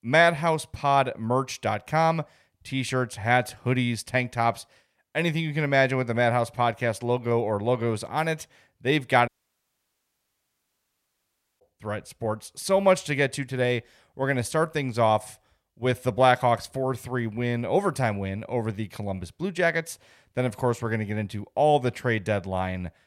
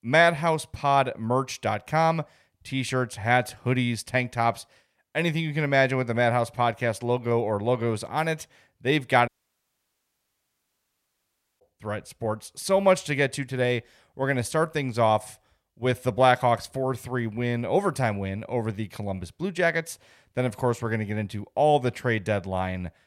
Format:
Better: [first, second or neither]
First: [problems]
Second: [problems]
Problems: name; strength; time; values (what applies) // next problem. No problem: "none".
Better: neither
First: audio cutting out; at 9.5 s for 2.5 s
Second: audio cutting out; at 9.5 s for 2.5 s